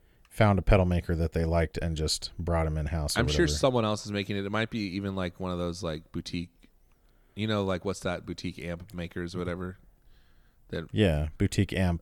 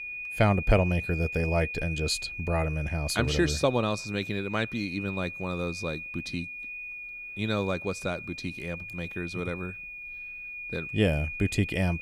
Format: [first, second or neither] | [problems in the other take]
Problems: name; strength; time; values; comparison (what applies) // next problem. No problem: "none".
first | high-pitched whine; loud; throughout; 2.5 kHz, 7 dB below the speech